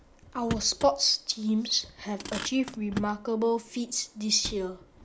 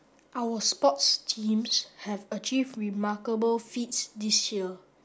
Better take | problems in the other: second | background sound (Motor vehicle (road)); 13 dB below the speech

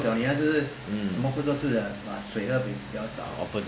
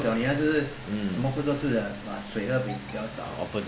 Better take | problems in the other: first | background sound (Hiss / Alarm / Train + Sink (filling or washing)); 19 dB below the speech

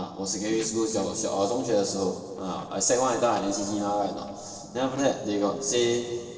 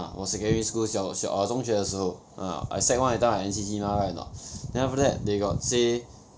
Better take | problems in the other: second | noise reduction (neural separator model SepFormer DNS4)

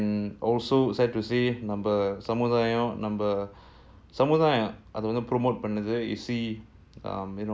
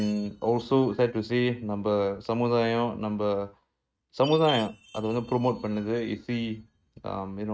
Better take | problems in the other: first | noise reduction (neural mask model RNNoise)

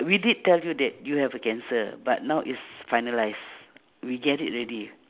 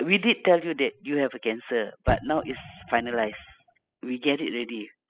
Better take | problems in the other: first | noise reduction (classical method spectral subtraction)

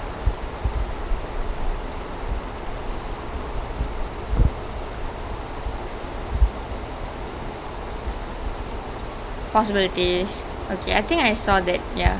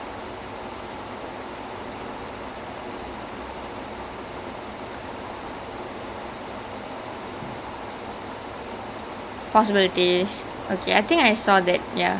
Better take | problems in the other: second | background sound (Cricket); 1 dB above the speech

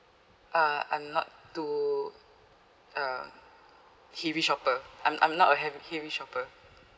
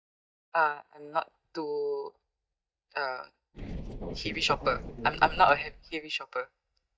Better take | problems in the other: first | noise reduction (neural mask model DeepFilterNet 3)

